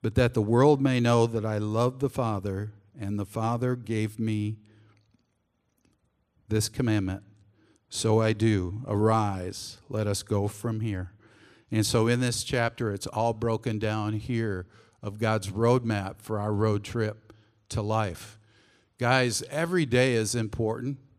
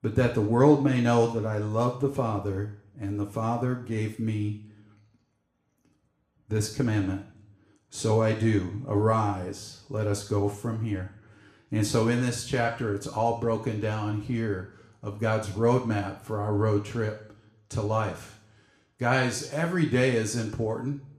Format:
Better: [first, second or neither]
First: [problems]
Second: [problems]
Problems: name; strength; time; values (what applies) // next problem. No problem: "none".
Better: first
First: none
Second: room echo; slight; dies away in 0.5 s // off-mic speech; somewhat distant